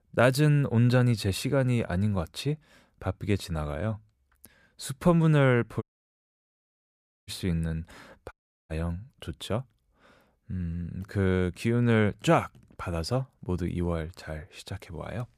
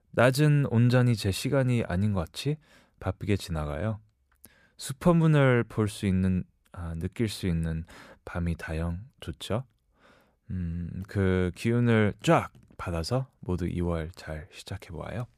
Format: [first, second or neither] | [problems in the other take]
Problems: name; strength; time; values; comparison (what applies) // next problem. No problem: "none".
second | audio cutting out; at 6 s for 1.5 s and at 8.5 s